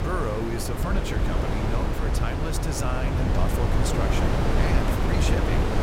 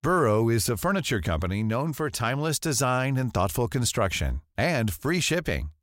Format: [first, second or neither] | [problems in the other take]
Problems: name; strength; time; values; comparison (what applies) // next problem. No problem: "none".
second | wind noise on the microphone; heavy; 3 dB above the speech